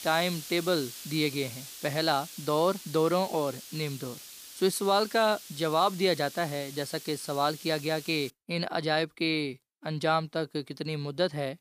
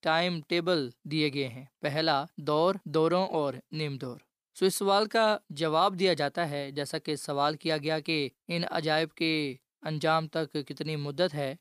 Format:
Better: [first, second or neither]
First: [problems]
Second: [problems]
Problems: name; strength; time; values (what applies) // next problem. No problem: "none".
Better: second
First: hiss; noticeable; until 8.5 s; 15 dB below the speech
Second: none